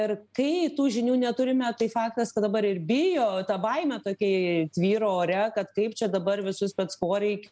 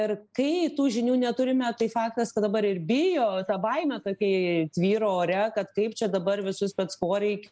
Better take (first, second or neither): first